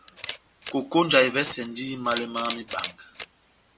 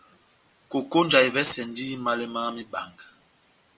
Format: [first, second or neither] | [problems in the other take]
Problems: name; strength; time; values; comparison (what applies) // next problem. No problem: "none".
second | background sound (Camera); 13 dB below the speech